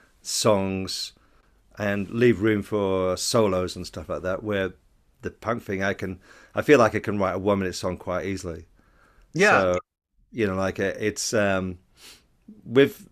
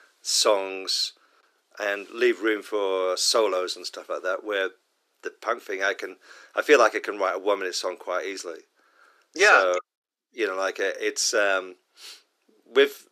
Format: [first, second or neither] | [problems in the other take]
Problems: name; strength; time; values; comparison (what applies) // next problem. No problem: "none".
first | thin; very; fading below 350 Hz